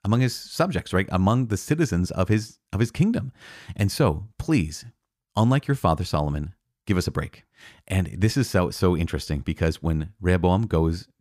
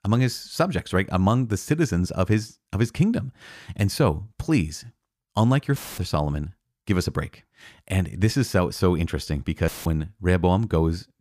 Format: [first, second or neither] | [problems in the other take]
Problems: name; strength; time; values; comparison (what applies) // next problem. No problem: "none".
first | audio cutting out; filled with static; at 6 s and at 9.5 s